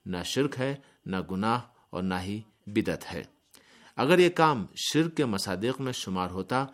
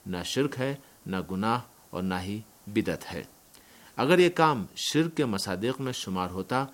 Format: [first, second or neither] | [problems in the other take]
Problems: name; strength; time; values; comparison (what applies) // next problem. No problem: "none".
first | hiss; faint; throughout; 25 dB below the speech